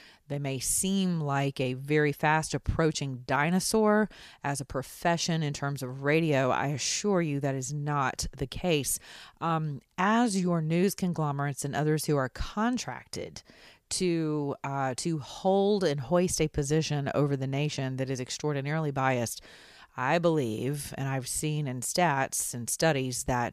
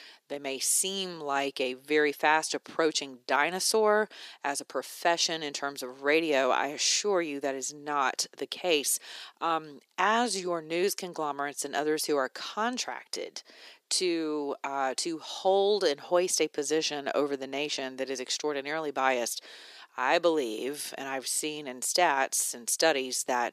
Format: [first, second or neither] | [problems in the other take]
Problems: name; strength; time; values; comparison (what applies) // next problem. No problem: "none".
first | thin; somewhat; fading below 300 Hz